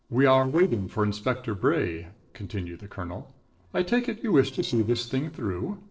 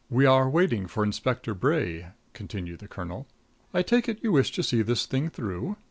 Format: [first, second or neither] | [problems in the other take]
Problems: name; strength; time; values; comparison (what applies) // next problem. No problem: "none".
second | noise reduction (neural separator model SepFormer DNS4)